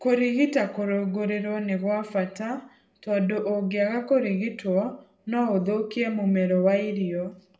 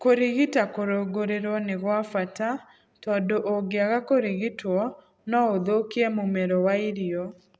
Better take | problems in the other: second | room echo; dies away in 0.4 s

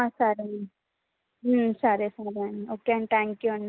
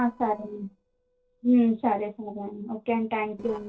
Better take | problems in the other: first | noise reduction (neural separator model SepFormer DNS4)

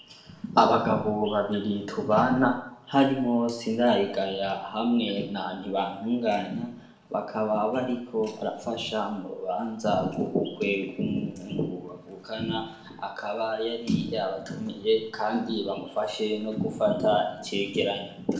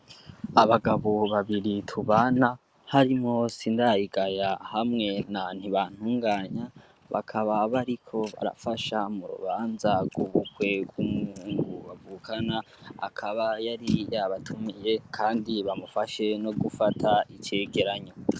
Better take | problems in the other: second | room echo; dies away in 0.7 s

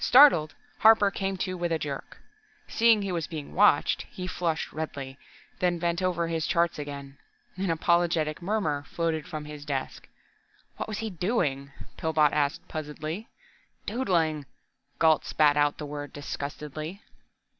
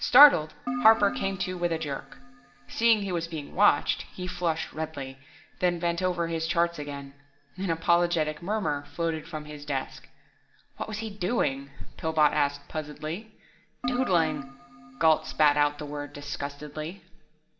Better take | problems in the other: first | background sound (Keyboard (musical)); 10 dB below the speech // room echo; dies away in 0.5 s

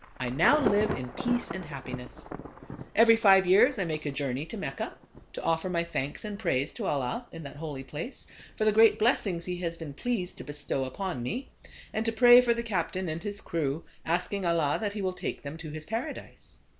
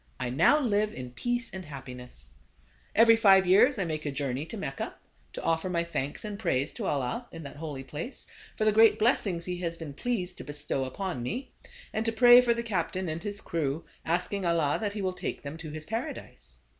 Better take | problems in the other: second | background sound (Thunder / Traffic noise, roadway noise / Rain / Insect); 14 dB below the speech

